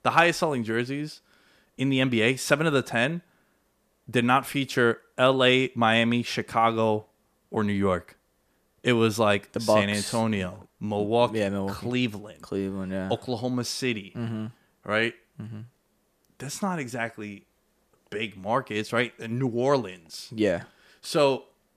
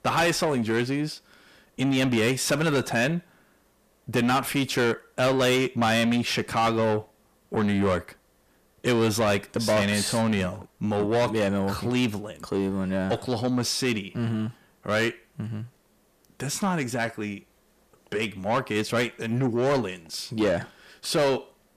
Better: first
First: none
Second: distortion; heavy; 7 dB below the speech

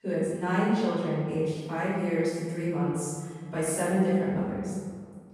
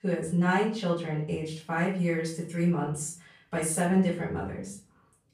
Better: second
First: room echo; strong; dies away in 1.8 s // off-mic speech; far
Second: room echo; slight; dies away in 0.4 s // off-mic speech; far

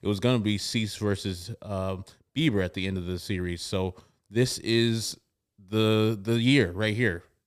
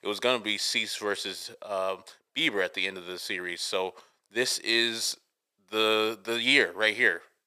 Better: first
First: none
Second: thin; very; fading below 600 Hz

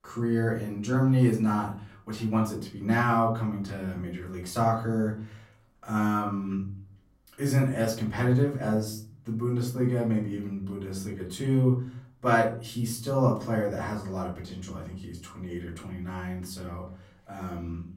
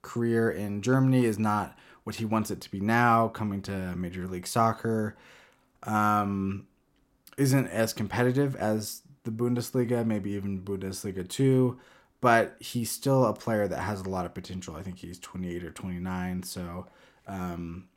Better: second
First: off-mic speech; far // room echo; slight; dies away in 0.5 s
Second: none

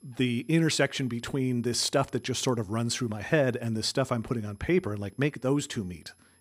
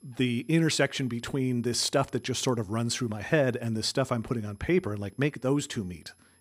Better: neither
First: high-pitched whine; faint; throughout; 11 kHz, 35 dB below the speech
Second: high-pitched whine; faint; throughout; 11 kHz, 35 dB below the speech

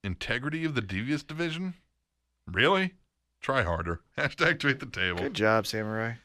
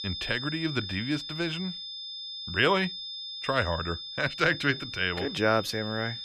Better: first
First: none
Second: high-pitched whine; loud; throughout; 3.5 kHz, 7 dB below the speech

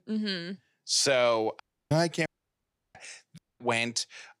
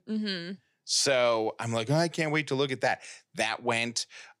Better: second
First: audio cutting out; at 1.5 s, at 2.5 s for 0.5 s and at 3.5 s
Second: none

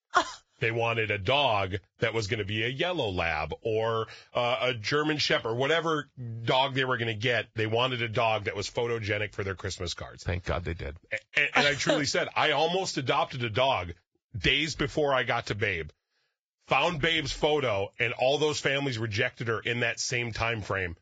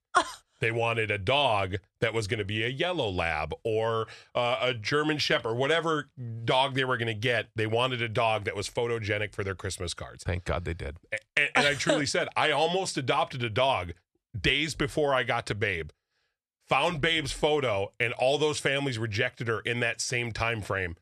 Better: second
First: garbled, watery; badly; nothing above 7.5 kHz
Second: none

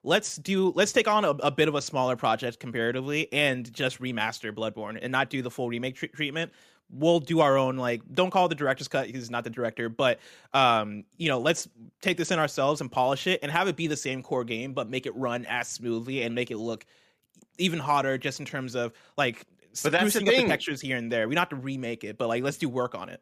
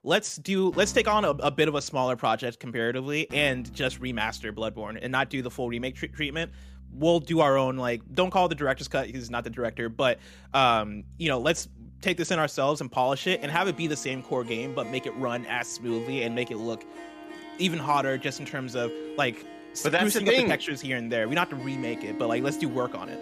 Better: first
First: none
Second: background music; noticeable; throughout; 15 dB below the speech

